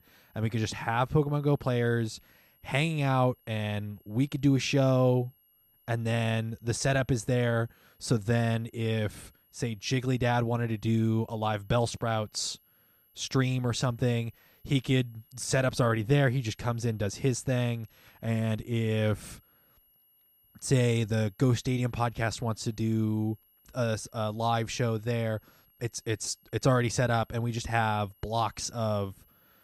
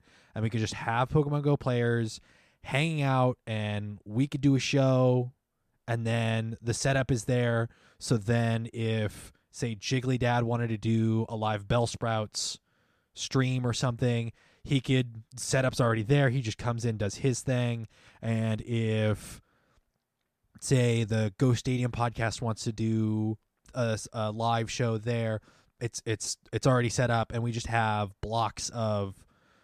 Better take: second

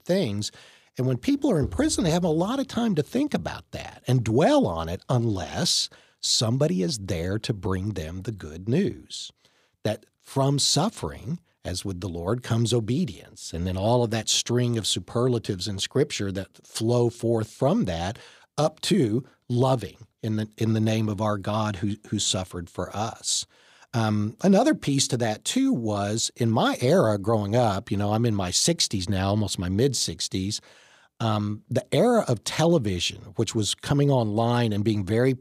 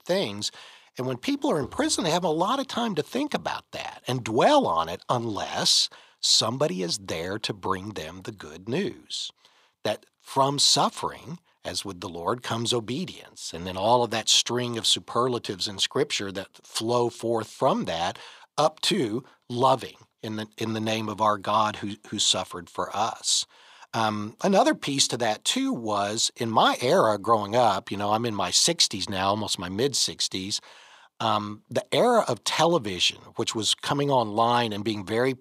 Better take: first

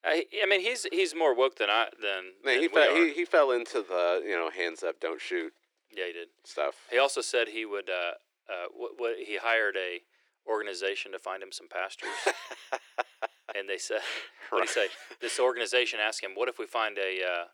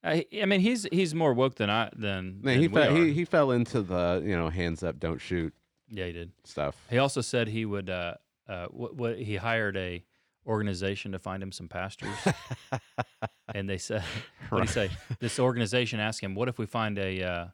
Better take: second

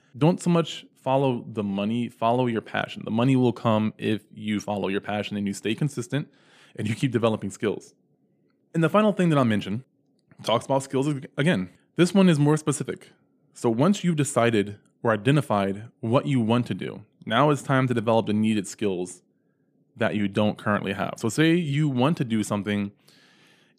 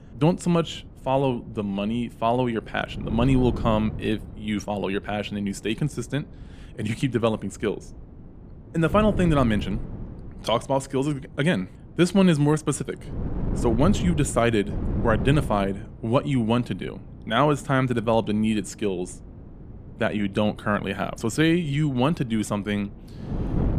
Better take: first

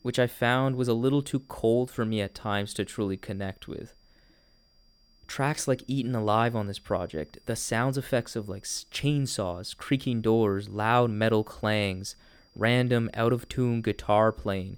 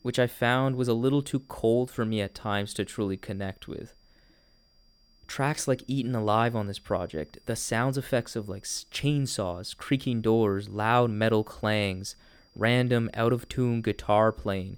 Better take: neither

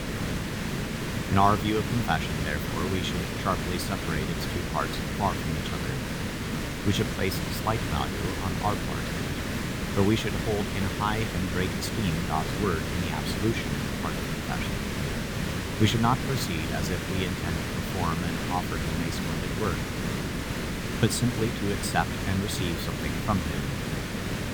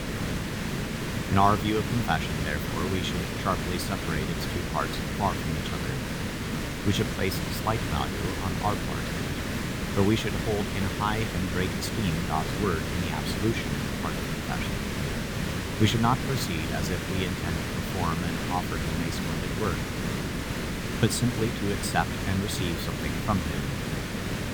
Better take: neither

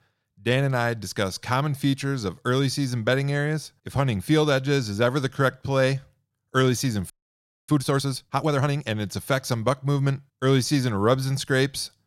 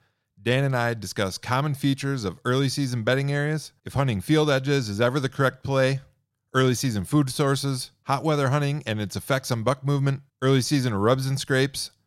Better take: second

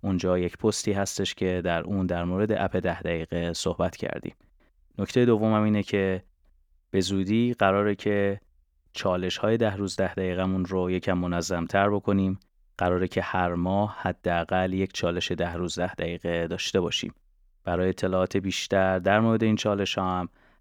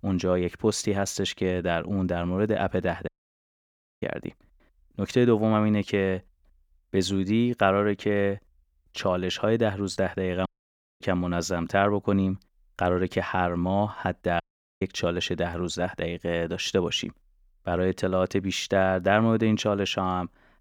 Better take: first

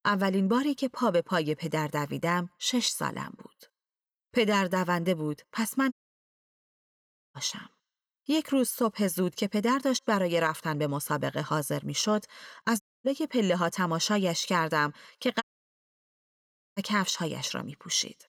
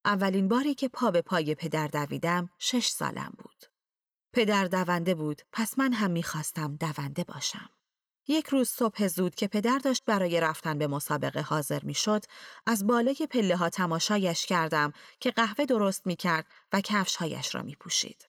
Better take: second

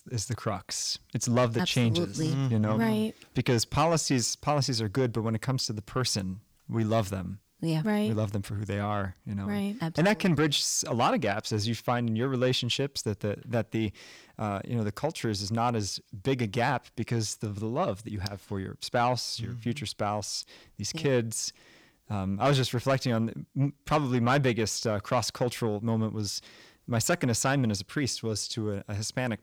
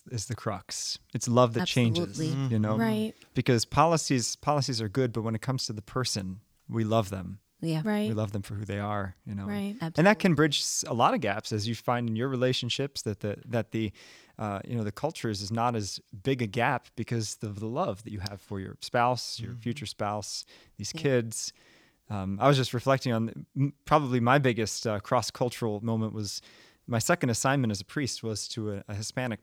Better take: second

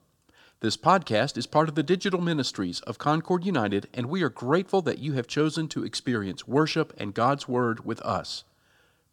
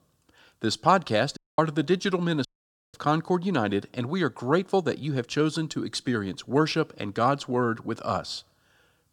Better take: first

